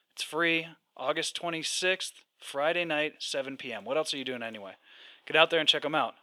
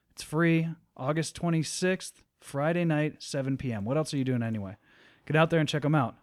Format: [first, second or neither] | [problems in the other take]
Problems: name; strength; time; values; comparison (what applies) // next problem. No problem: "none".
second | thin; very; fading below 550 Hz